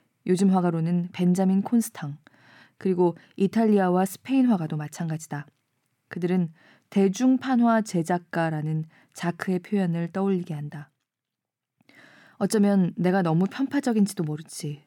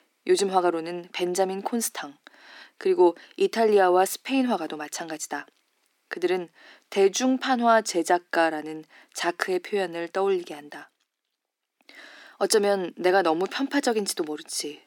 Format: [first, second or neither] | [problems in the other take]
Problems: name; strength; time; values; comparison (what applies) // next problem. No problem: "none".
first | thin; somewhat; fading below 300 Hz